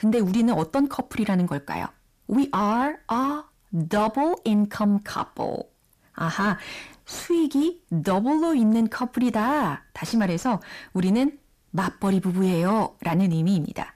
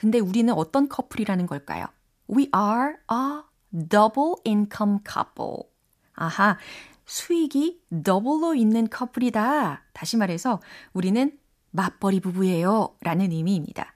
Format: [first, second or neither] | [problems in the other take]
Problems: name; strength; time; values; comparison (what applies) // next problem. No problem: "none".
second | distortion; slight; 10 dB below the speech